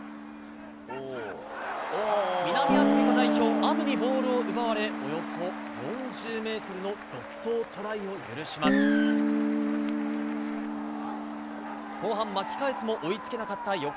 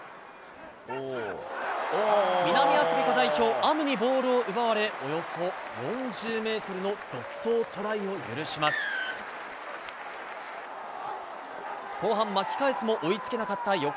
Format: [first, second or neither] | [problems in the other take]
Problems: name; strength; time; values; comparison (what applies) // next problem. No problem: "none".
second | background sound (Guitar); as loud as the speech